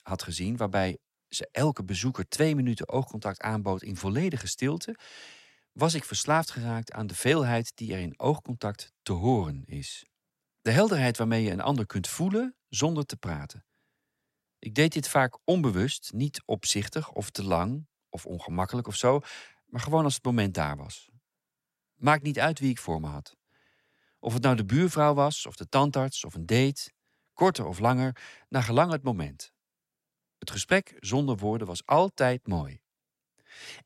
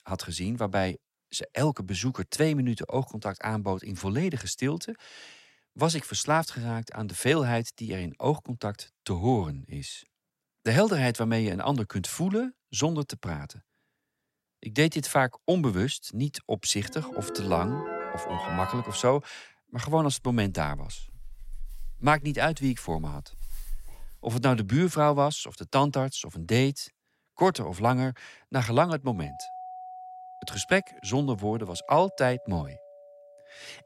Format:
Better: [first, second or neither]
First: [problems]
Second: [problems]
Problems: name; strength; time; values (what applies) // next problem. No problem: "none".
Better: first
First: none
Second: phone ringing; noticeable; from 17 to 19 s; peak 5 dB below the speech // dog barking; faint; from 20 to 24 s; peak 15 dB below the speech // doorbell; faint; from 29 s on; peak 15 dB below the speech